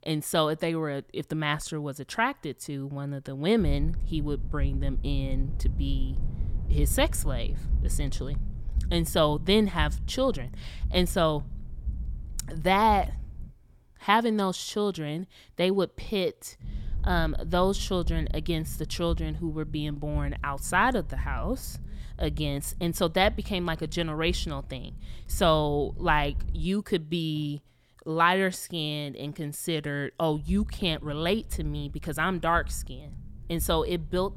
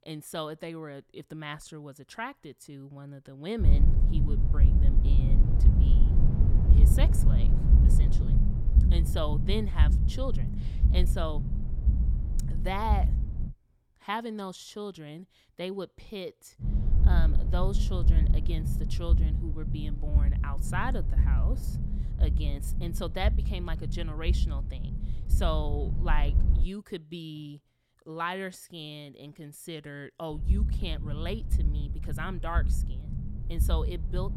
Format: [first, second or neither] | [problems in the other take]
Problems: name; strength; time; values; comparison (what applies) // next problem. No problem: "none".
first | low rumble; loud; from 3.5 to 13 s, from 17 to 27 s and from 30 s on; 6 dB below the speech; faint in the first